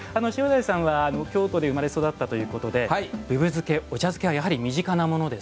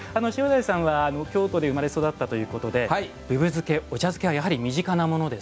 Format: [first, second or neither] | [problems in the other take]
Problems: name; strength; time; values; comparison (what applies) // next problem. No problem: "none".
second | background sound (Snare drum); 14 dB below the speech